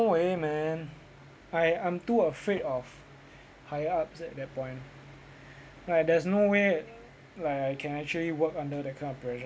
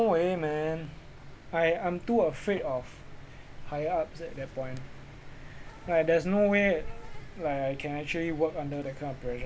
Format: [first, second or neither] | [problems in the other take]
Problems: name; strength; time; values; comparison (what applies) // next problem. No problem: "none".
first | background sound (Insect); 13 dB below the speech